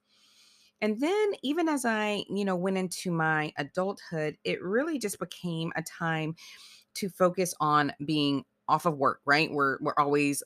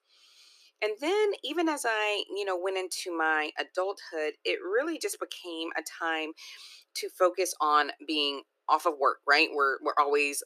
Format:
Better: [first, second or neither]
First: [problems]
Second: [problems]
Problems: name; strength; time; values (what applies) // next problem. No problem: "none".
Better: first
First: none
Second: thin; very; fading below 300 Hz